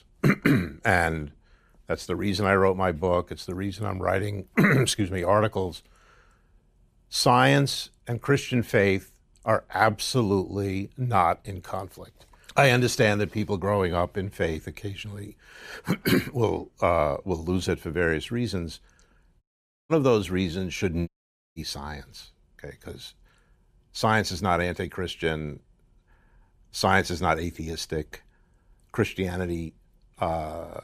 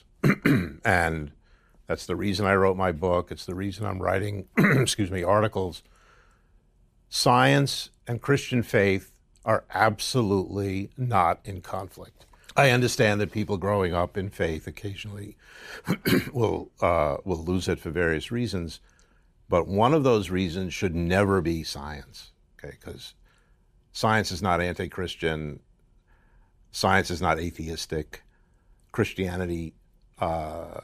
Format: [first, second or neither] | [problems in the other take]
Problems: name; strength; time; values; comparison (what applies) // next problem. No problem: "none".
second | audio cutting out; at 19 s and at 21 s